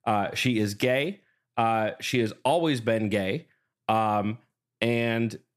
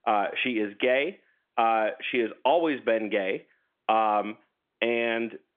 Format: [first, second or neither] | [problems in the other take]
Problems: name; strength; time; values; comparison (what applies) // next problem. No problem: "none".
first | phone-call audio; nothing above 3.5 kHz